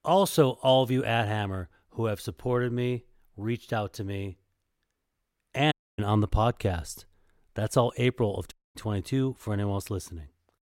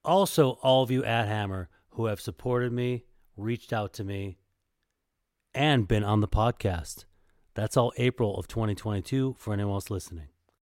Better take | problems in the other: second | audio cutting out; at 5.5 s and at 8.5 s

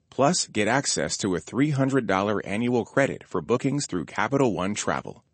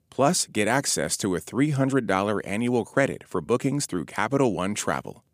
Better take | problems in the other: second | garbled, watery; slightly; nothing above 8 kHz

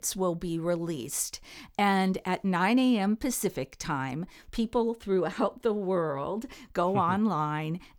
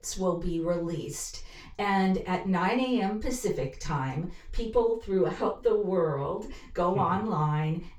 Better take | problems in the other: first | room echo; slight; dies away in 0.2 s // off-mic speech; far

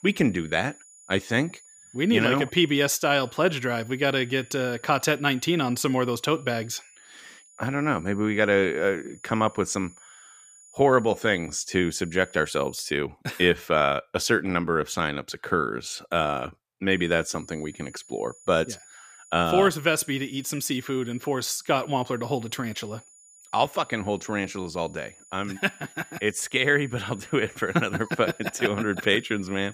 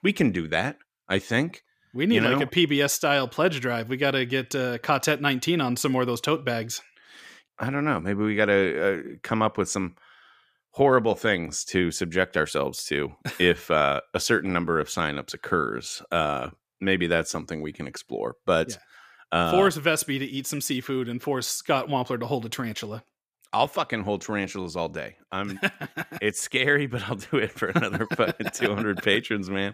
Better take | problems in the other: second | high-pitched whine; faint; until 13 s and from 17 s on; 7 kHz, 25 dB below the speech

